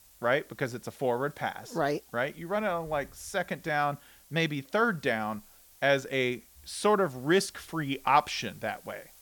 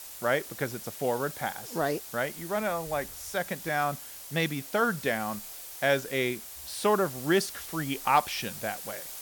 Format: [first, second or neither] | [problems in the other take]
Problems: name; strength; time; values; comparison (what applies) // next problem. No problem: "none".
first | hiss; loud; throughout; 10 dB below the speech; faint in the first